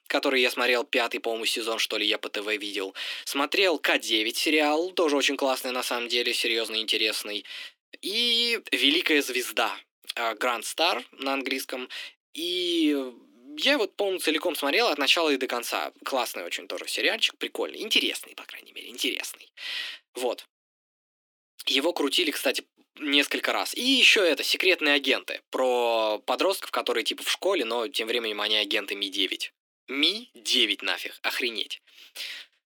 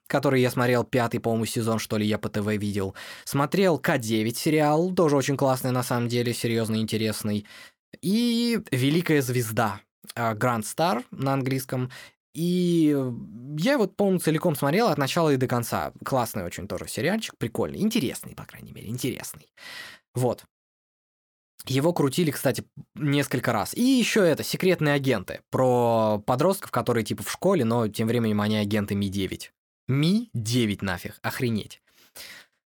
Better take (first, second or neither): second